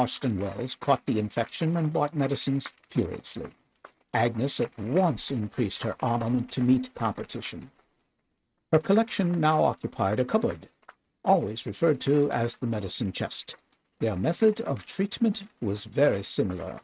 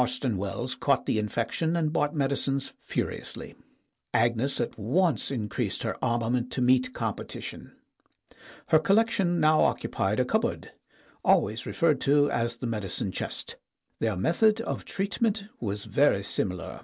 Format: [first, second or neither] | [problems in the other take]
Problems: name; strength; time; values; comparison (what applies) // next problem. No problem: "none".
second | noise reduction (neural mask model RNNoise)